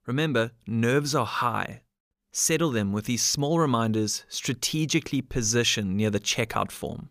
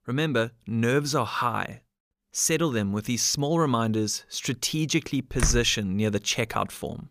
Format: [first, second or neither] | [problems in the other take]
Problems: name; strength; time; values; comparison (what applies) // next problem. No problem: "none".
first | door banging; noticeable; at 5.5 s; peak 4 dB below the speech